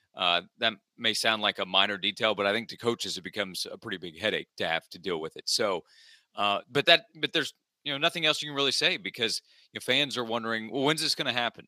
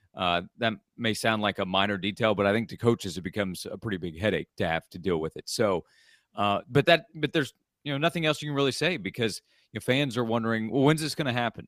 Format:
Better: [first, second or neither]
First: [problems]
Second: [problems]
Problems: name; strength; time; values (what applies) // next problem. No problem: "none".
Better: second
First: thin; very slightly; fading below 450 Hz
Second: none